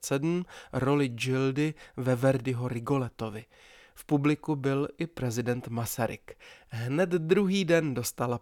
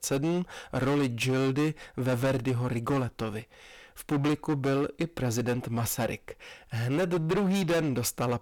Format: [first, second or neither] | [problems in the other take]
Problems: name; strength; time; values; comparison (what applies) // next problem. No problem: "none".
first | distortion; heavy; 17% of the sound clipped